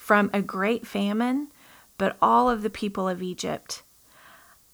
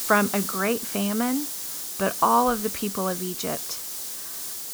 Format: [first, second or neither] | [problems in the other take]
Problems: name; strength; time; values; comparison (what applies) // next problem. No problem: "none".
first | hiss; loud; throughout; 4 dB below the speech; faint in the first